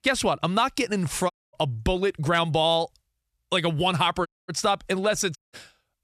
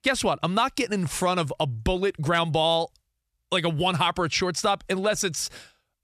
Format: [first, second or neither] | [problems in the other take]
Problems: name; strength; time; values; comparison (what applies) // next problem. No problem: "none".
second | audio cutting out; at 1.5 s, at 4.5 s and at 5.5 s